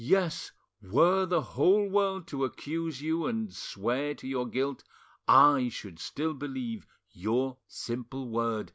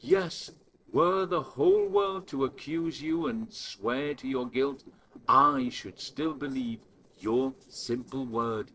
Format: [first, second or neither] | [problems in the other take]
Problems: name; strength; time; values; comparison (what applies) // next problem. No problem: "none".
first | noise reduction (neural separator model SepFormer DNS4)